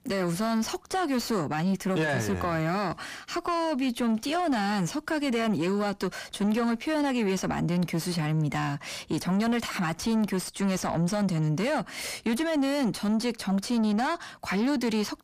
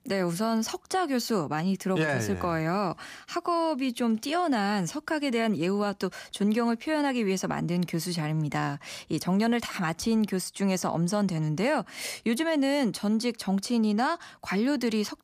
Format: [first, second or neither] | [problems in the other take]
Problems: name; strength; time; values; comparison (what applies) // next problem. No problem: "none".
second | distortion; slight; 10 dB below the speech